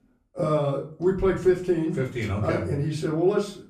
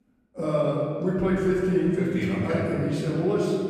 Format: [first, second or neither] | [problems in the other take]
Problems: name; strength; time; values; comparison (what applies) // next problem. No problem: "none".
first | room echo; strong; dies away in 2 s; slight in the first // off-mic speech; far; far in the first